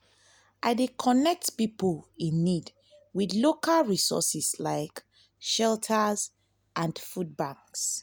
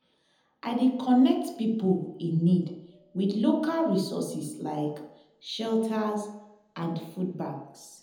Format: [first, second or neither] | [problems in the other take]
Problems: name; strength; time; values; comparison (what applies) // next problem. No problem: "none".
first | room echo; dies away in 0.8 s